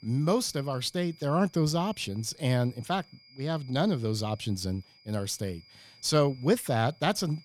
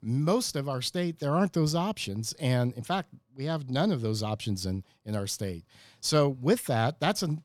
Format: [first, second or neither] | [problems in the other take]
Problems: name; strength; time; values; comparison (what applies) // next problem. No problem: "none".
second | high-pitched whine; faint; throughout; 5 kHz, 25 dB below the speech